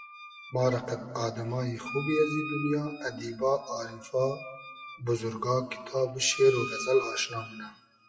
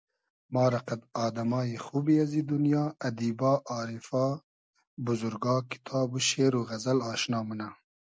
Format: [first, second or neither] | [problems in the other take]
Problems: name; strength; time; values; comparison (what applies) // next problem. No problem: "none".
second | noise reduction (classical method WPE with log-MMSE)